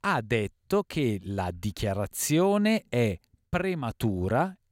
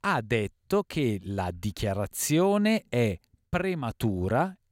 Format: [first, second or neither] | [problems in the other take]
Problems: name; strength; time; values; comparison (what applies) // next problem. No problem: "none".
neither | none